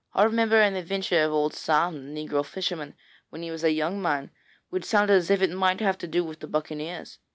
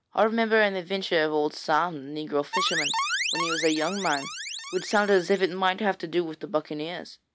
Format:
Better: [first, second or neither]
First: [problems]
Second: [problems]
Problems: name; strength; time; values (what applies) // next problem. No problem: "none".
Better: first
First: none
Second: background sound (Alarm); 4 dB below the speech